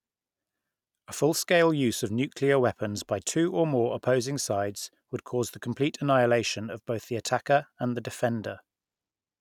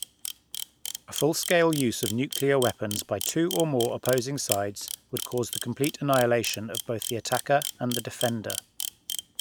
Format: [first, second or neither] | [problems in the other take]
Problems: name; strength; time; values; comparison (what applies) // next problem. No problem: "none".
first | background sound (Camera); 9 dB below the speech